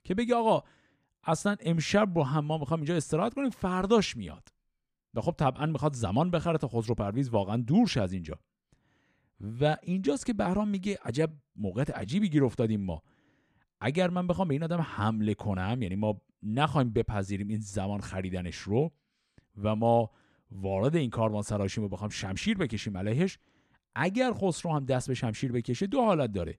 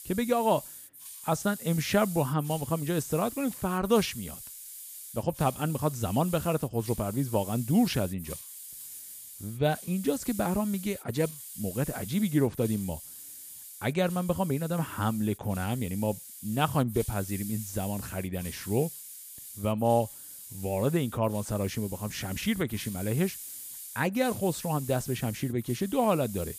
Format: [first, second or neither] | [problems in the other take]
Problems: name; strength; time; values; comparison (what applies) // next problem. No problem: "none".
first | hiss; noticeable; throughout; 10 dB below the speech